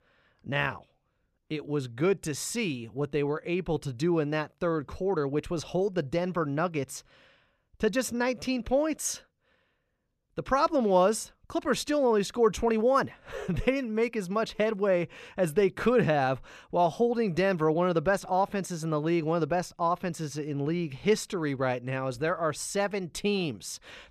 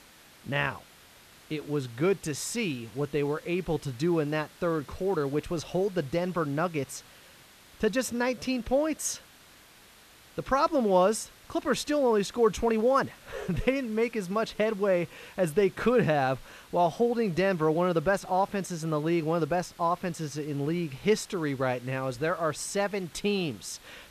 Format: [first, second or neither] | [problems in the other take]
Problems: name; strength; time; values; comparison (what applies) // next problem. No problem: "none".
first | hiss; faint; throughout; 25 dB below the speech